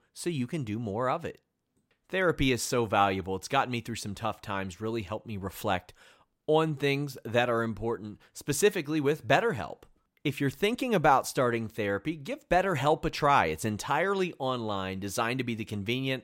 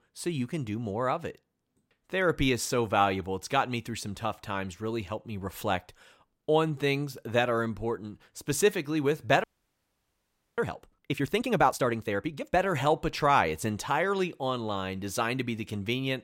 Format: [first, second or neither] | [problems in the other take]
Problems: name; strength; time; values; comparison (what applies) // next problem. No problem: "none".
first | audio freezing; at 9.5 s for 1 s